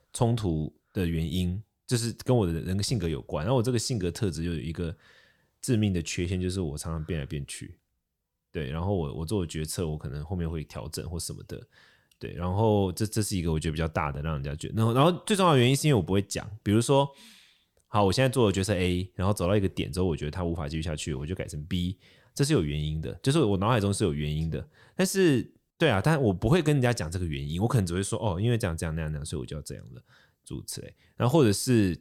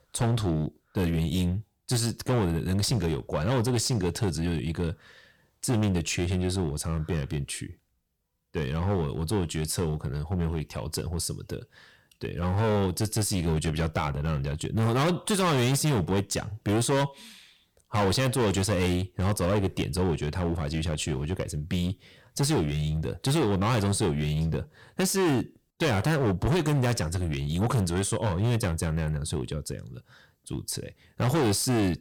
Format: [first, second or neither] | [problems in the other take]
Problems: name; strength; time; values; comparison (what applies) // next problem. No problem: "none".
first | distortion; heavy; 14% of the sound clipped